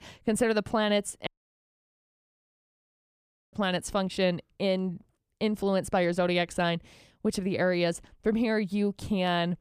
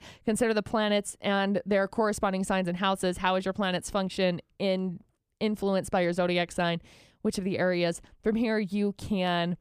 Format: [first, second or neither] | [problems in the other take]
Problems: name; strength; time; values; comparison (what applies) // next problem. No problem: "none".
second | audio cutting out; at 1.5 s for 2.5 s